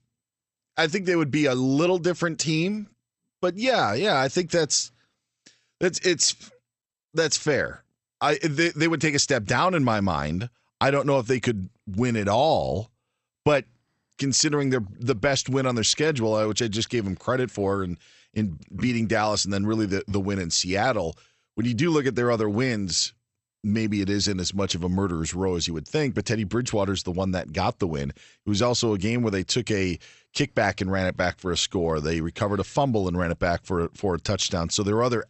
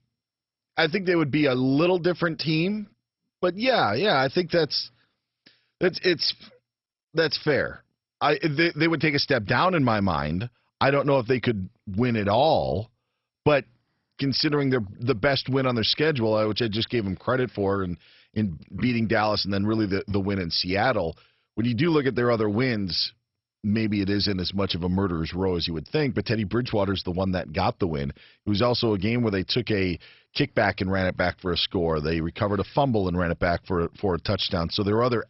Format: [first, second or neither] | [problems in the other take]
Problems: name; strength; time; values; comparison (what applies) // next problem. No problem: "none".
first | garbled, watery; badly; nothing above 5.5 kHz; slightly in the first